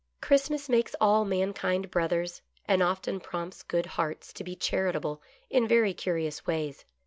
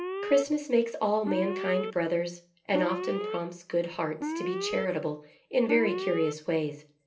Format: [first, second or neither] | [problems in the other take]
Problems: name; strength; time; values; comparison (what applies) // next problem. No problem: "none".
first | background sound (Alarm); 7 dB below the speech // room echo; dies away in 0.3 s